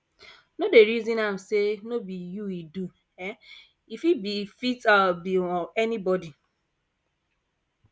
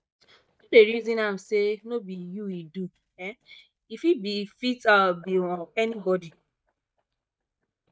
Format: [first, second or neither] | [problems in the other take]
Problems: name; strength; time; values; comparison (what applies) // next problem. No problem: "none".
first | noise reduction (neural mask model DeepFilterNet 3)